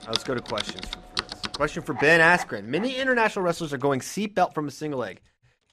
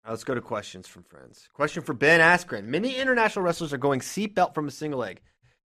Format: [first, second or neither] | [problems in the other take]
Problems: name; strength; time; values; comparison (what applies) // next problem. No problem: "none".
second | household noises; noticeable; throughout; 10 dB below the speech